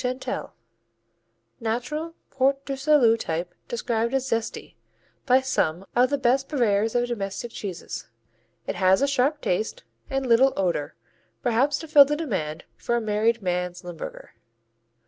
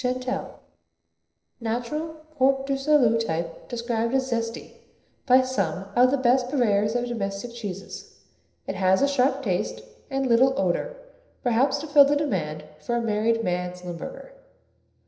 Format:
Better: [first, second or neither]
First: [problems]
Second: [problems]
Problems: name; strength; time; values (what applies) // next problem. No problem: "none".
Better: first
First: none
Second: noise reduction (neural separator model SepFormer DNS4)